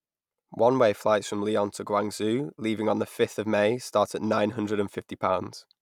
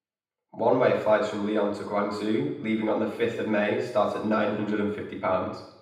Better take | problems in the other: first | room echo; dies away in 0.8 s

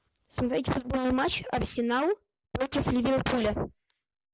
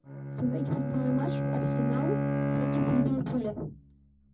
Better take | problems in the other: first | background sound (Bowed string instrument); 2 dB above the speech // room echo; dies away in 0.4 s

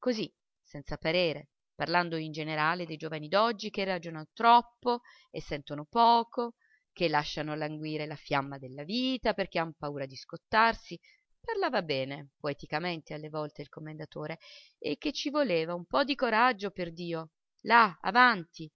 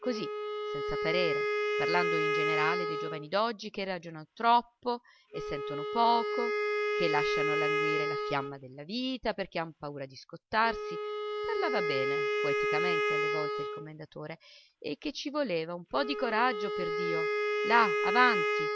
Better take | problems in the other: first | background sound (Wind instrument, woodwind instrument); 1 dB above the speech

